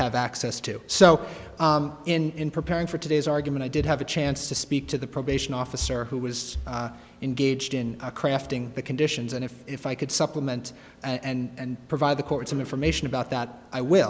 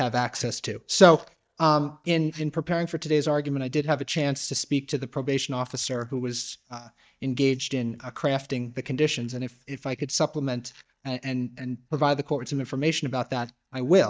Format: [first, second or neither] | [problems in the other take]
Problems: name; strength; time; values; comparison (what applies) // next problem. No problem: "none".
first | noise reduction (neural mask model DeepFilterNet 3)